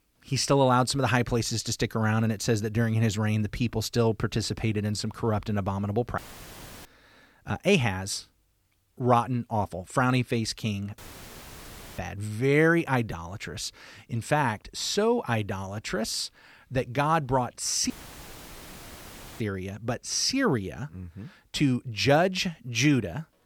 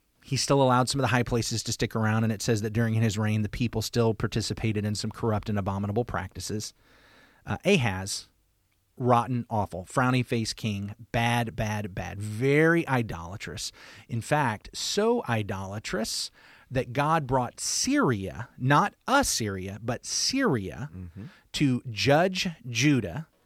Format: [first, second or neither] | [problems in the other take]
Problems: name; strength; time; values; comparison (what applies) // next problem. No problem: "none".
second | audio cutting out; filled with static; at 6 s for 0.5 s, at 11 s for 1 s and at 18 s for 1.5 s